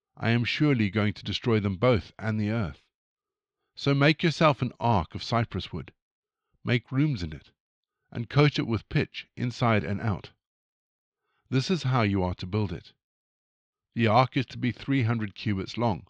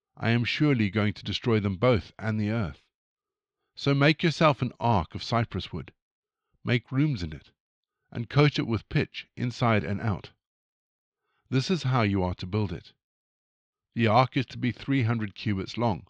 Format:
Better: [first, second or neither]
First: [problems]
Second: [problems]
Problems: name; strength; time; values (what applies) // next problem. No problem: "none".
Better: neither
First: muffled; slightly; fading above 4 kHz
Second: muffled; slightly; fading above 4 kHz